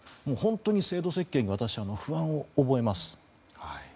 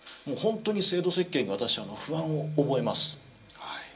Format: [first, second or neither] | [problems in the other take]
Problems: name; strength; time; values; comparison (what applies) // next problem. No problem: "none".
first | room echo; dies away in 0.2 s